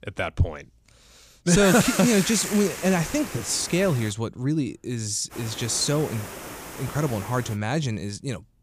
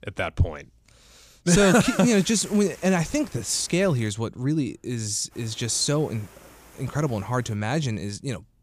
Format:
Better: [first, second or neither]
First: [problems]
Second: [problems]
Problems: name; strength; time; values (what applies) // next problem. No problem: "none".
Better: second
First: hiss; loud; from 1.5 to 4 s and from 5.5 to 7.5 s; 9 dB below the speech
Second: hiss; faint; from 1.5 to 4 s and from 5.5 to 7.5 s; 20 dB below the speech